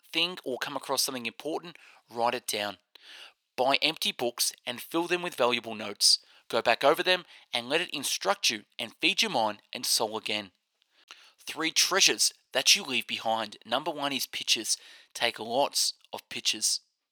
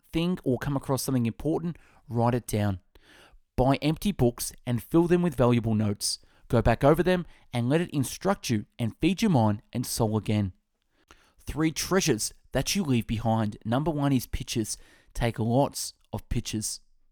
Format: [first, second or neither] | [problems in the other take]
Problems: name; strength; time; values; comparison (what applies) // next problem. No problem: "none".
second | thin; very; fading below 550 Hz